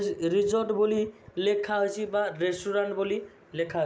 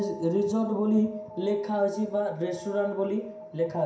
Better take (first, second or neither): first